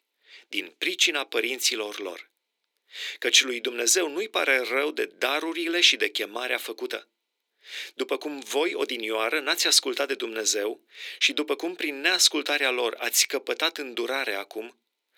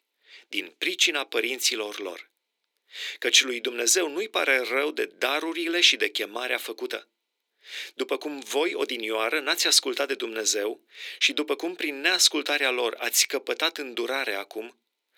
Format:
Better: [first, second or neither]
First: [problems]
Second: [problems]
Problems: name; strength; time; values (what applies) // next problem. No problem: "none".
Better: neither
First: thin; very; fading below 350 Hz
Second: thin; very; fading below 350 Hz